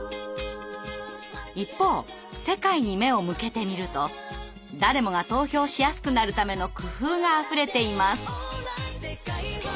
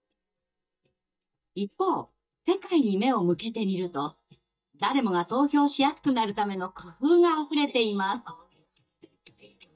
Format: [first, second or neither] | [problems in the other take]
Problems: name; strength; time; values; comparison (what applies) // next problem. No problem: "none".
first | noise reduction (neural mask model DeepFilterNet 3)